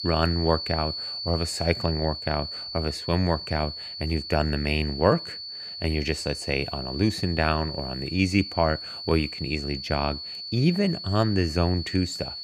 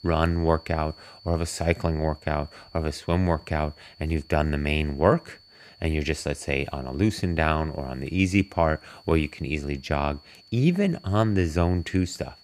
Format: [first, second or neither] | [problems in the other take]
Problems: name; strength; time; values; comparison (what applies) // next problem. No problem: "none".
second | high-pitched whine; loud; throughout; 4.5 kHz, 7 dB below the speech; faint in the second